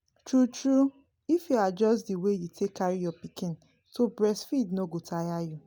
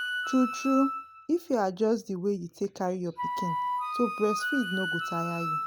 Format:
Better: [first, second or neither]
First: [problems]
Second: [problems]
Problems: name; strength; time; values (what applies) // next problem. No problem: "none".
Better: first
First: none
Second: background sound (Wind instrument, woodwind instrument); 4 dB below the speech